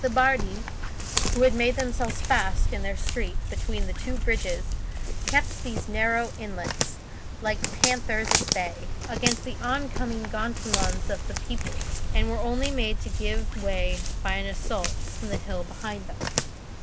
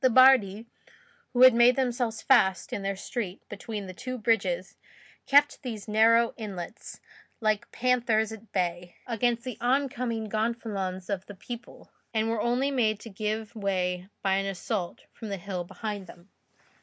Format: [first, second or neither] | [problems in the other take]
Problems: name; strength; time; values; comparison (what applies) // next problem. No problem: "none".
second | background sound (Walk, footsteps); 3 dB above the speech